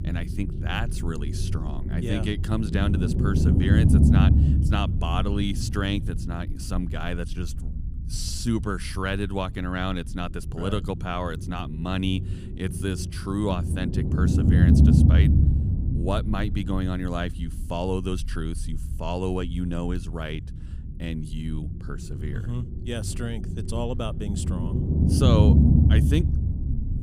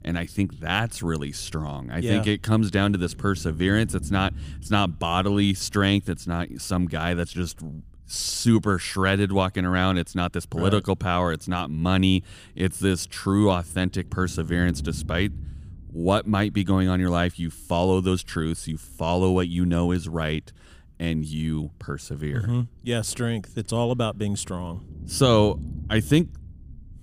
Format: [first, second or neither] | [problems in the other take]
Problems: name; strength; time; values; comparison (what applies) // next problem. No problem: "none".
second | low rumble; loud; throughout; 2 dB below the speech; faint in the second